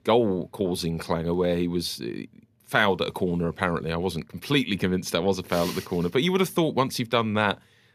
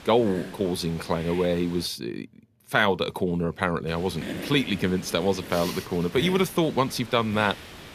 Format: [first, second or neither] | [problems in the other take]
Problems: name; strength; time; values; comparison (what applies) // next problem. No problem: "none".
first | hiss; noticeable; until 2 s and from 4 s on; 15 dB below the speech